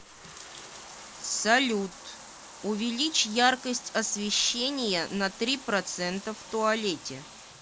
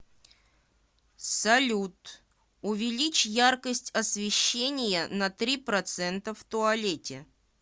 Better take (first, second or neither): second